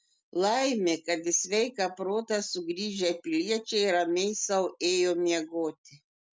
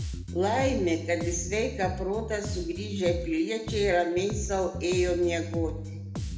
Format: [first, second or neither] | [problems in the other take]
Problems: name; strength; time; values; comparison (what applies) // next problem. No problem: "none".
first | background sound (Bass guitar); 6 dB below the speech // room echo; dies away in 0.9 s